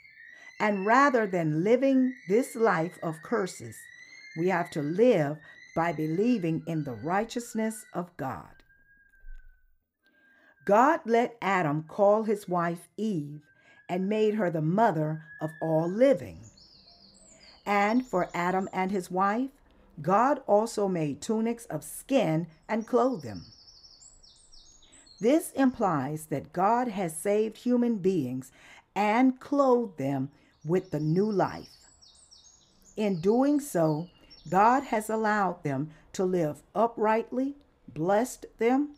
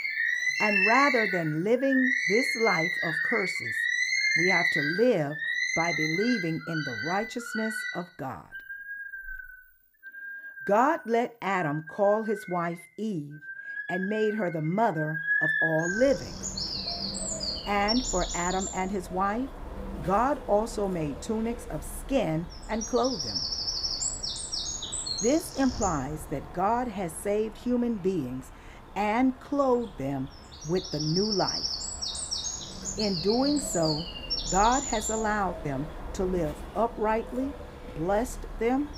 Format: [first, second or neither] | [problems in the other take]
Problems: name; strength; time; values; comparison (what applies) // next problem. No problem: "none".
first | animal sounds; loud; throughout; 1 dB below the speech; faint in the first